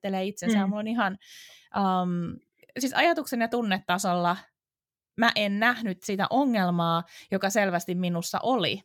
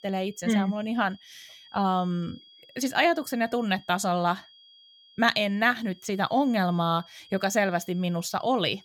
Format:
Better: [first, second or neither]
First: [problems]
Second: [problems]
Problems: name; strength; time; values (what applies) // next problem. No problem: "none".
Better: first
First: none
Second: high-pitched whine; faint; throughout; 3.5 kHz, 25 dB below the speech